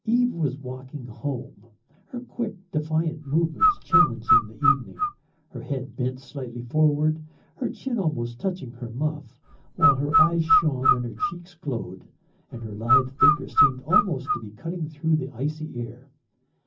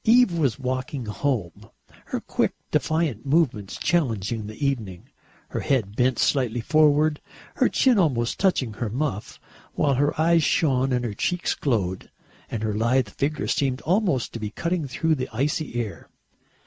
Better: second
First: background sound (Bird); 5 dB above the speech // room echo; dies away in 0.4 s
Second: none

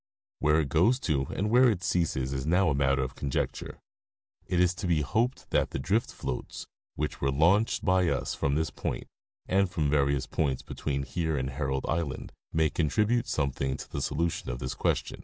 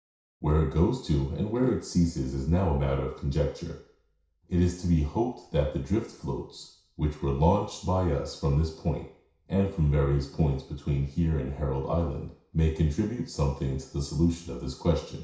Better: first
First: none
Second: room echo; dies away in 0.6 s

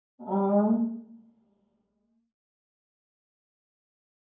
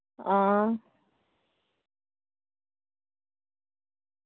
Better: second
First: room echo; dies away in 0.9 s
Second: none

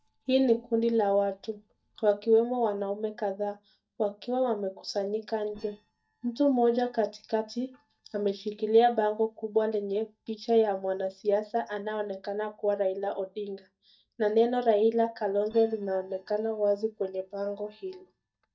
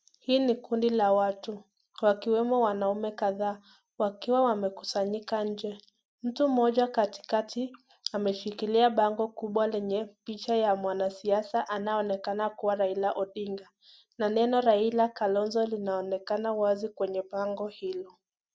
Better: second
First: noise reduction (neural mask model DeepFilterNet 3)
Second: none

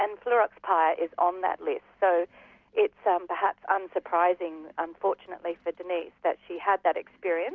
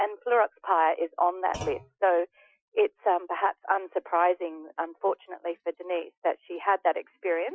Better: first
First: none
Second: noise reduction (classical method Wiener filter)

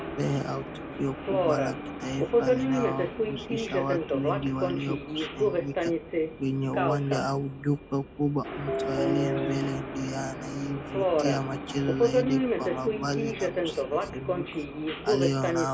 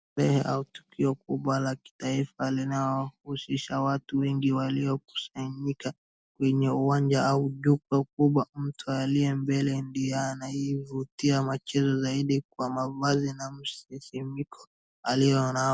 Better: second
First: background sound (Subway, metro, underground); 2 dB above the speech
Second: none

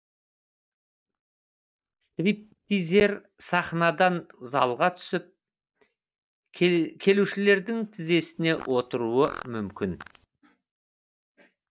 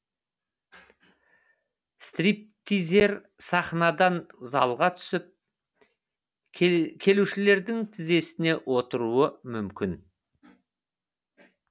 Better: second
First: noise reduction (neural mask model DeepFilterNet 3)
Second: none

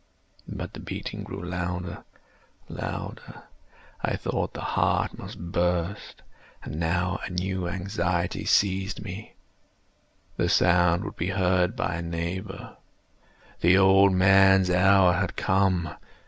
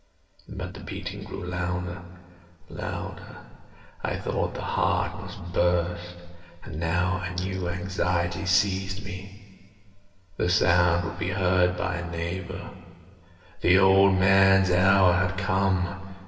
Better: first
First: none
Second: room echo; dies away in 1.8 s

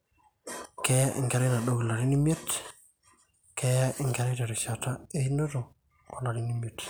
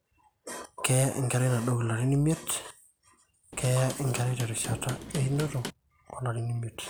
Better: first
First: none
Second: background sound (Hammer / Wood); 10 dB below the speech

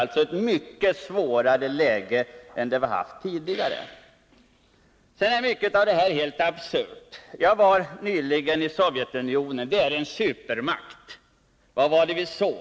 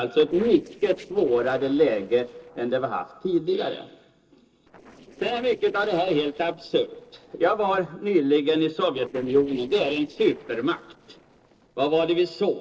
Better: first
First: none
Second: noise reduction (neural separator model SepFormer DNS4)

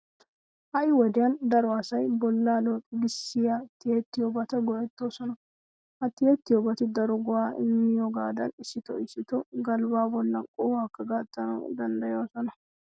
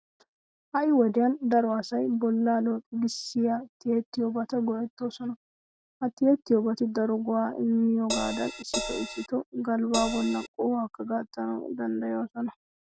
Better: first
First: none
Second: background sound (Crash cymbal); 5 dB below the speech

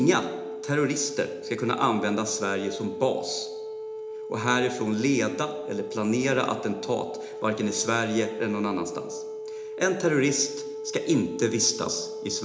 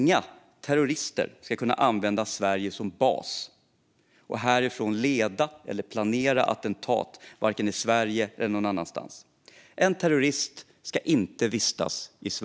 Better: second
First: background sound (Wind instrument, woodwind instrument); 9 dB below the speech // room echo; dies away in 0.8 s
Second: none

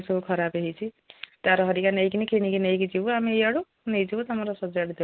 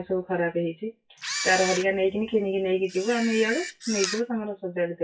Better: first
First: none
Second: noise reduction (classical method WPE with log-MMSE)

